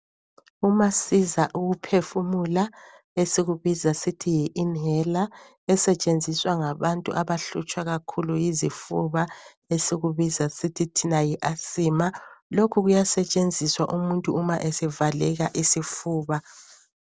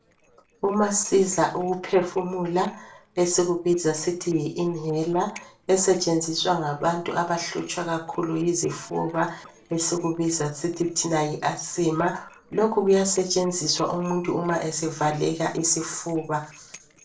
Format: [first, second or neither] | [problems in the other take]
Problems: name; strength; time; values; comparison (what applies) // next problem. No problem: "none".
first | noise reduction (neural separator model SepFormer DNS4)